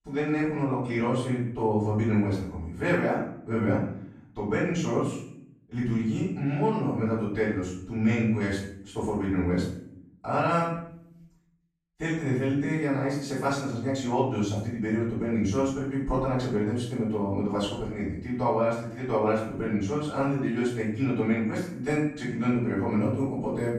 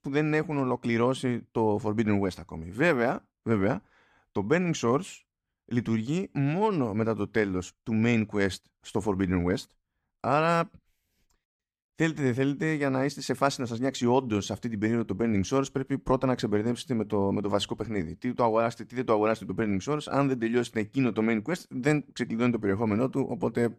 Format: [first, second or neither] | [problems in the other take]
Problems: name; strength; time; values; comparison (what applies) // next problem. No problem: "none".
second | off-mic speech; far // room echo; noticeable; dies away in 0.6 s